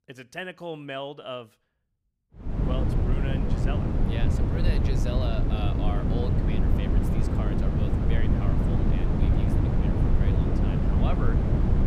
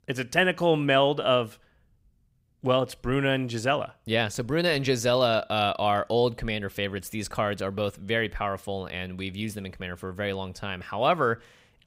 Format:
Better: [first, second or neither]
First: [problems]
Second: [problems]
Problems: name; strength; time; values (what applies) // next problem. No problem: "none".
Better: second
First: wind noise on the microphone; heavy; from 2.5 s on; 3 dB above the speech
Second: none